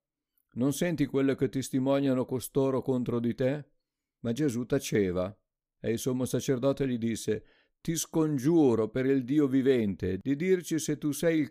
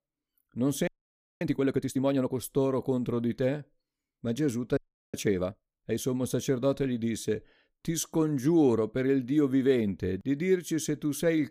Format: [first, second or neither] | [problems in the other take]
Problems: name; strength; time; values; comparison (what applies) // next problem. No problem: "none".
first | audio freezing; at 1 s for 0.5 s and at 5 s